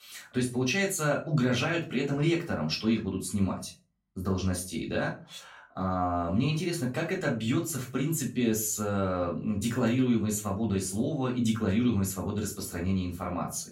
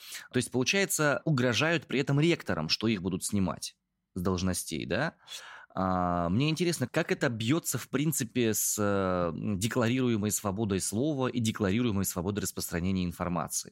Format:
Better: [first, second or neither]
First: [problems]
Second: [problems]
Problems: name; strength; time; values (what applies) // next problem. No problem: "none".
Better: second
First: off-mic speech; far // room echo; very slight; dies away in 0.3 s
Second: none